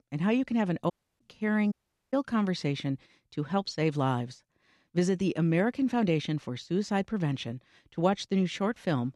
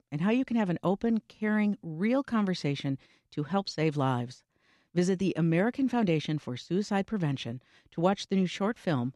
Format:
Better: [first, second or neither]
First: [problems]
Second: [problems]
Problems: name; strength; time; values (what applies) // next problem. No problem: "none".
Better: second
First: audio cutting out; at 1 s and at 1.5 s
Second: none